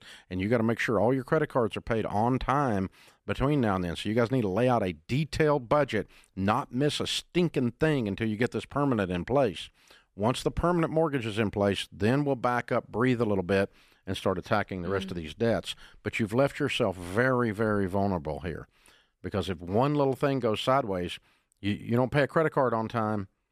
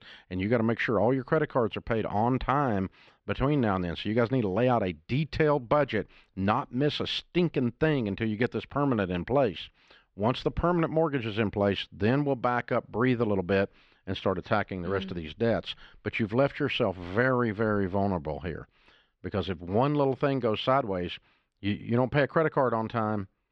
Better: first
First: none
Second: muffled; very slightly; fading above 4.5 kHz

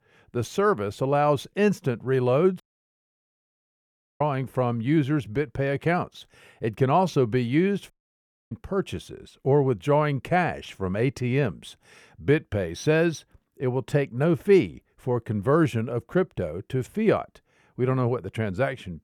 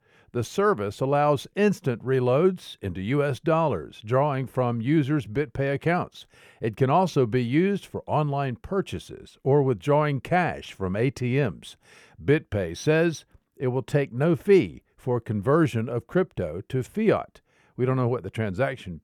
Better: second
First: audio cutting out; at 2.5 s for 1.5 s and at 8 s for 0.5 s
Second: none

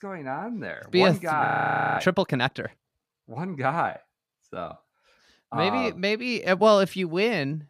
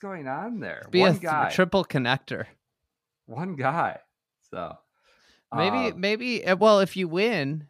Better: second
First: audio freezing; at 1.5 s for 0.5 s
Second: none

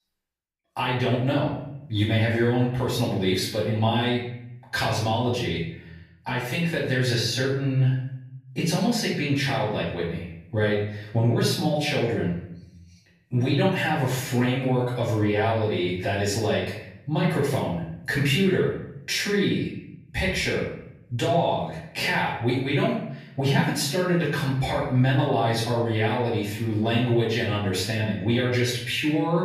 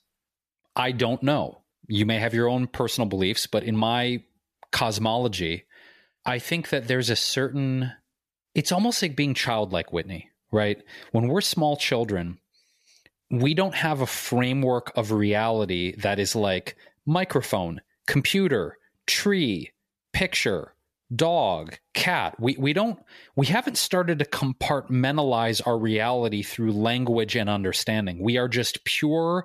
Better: second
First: off-mic speech; far // room echo; noticeable; dies away in 0.7 s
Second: none

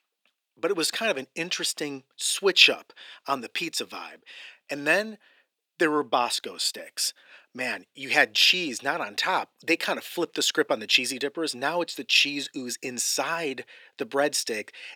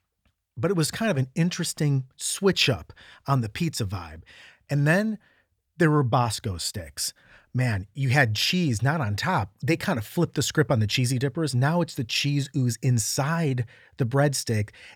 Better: second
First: thin; very; fading below 300 Hz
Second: none

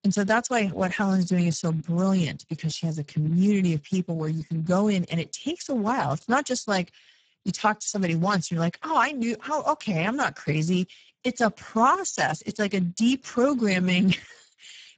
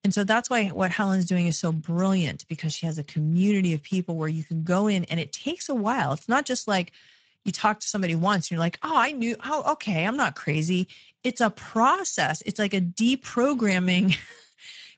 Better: second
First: garbled, watery; badly; nothing above 7.5 kHz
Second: garbled, watery; slightly; nothing above 7.5 kHz

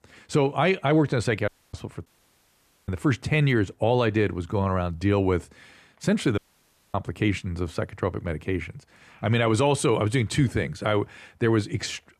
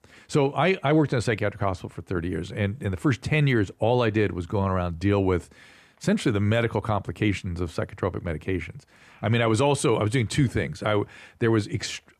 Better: second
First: audio cutting out; at 1.5 s, at 2 s for 1 s and at 6.5 s for 0.5 s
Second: none

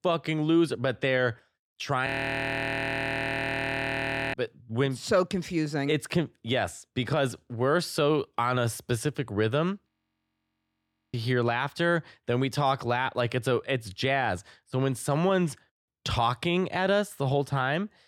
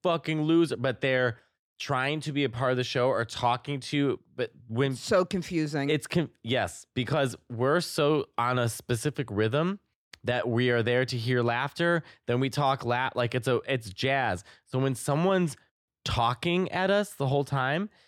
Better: second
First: audio freezing; at 2 s for 2.5 s and at 10 s for 1.5 s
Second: none

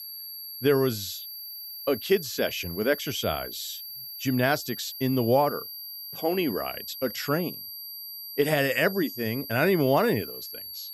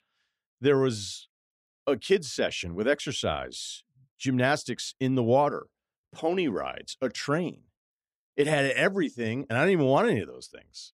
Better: second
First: high-pitched whine; loud; throughout; 4.5 kHz, 10 dB below the speech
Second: none

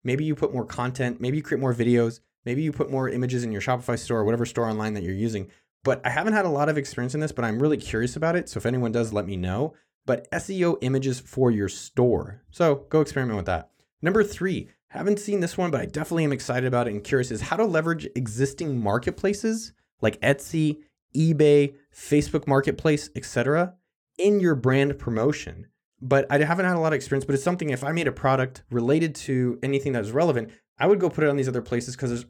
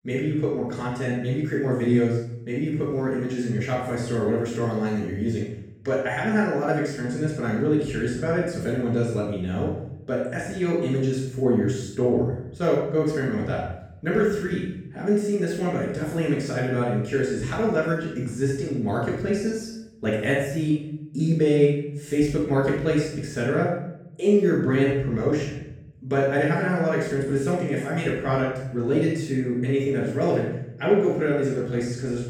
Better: first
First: none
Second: off-mic speech; far // room echo; strong; dies away in 0.7 s

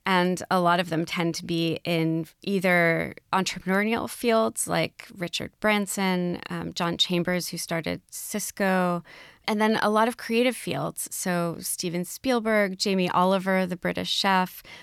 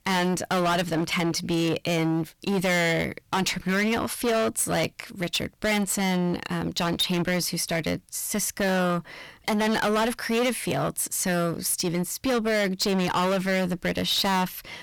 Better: first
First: none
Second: distortion; heavy; 19% of the sound clipped

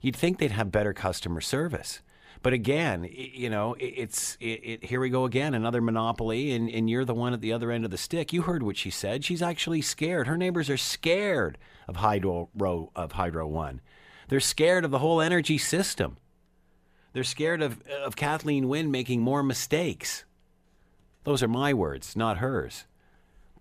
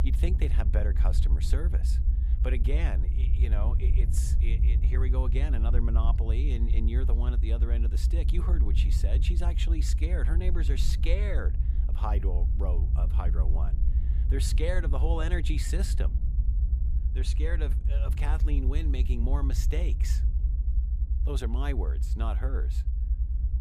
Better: first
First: none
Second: low rumble; loud; throughout; 7 dB below the speech

